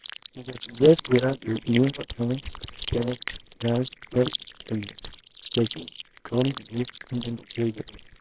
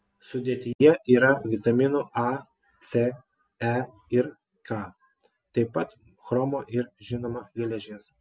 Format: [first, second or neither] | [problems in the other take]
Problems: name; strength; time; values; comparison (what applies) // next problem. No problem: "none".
second | noise reduction (neural separator model SepFormer WHAMR!)